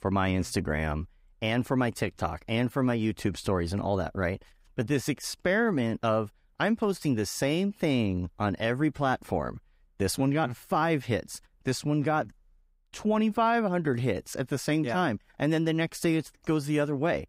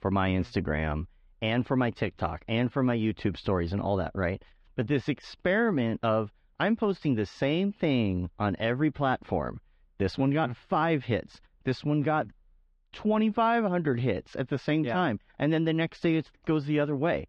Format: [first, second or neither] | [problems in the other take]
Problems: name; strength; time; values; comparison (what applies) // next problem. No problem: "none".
first | muffled; slightly; fading above 3.5 kHz